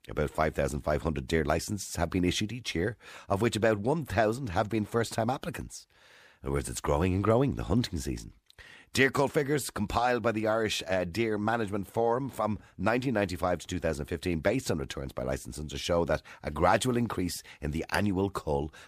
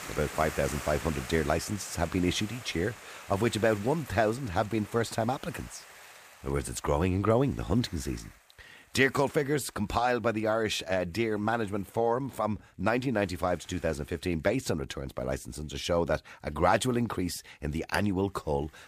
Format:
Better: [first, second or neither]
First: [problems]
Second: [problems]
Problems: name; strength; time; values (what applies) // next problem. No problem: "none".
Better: first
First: none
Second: hiss; noticeable; throughout; 15 dB below the speech